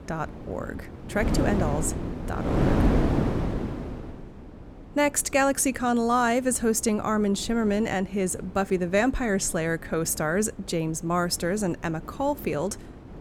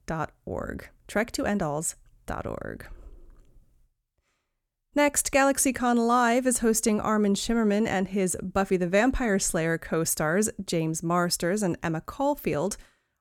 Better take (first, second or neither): second